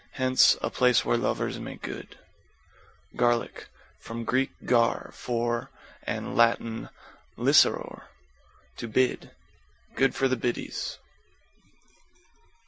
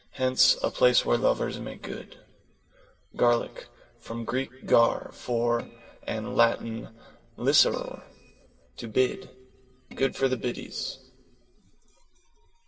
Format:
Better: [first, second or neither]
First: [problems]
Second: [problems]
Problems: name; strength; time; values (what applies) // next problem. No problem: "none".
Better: first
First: none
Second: noise reduction (neural separator model SepFormer DNS4)